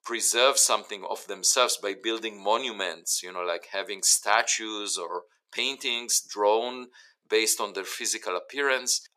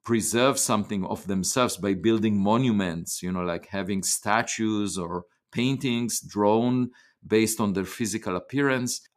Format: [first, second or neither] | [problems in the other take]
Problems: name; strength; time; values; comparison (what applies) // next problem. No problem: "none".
second | thin; very; fading below 450 Hz